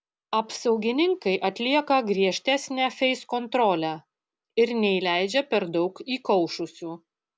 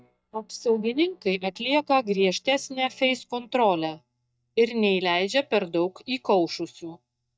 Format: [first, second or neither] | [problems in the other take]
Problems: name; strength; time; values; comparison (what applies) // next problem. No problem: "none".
first | noise reduction (neural mask model DeepFilterNet 3)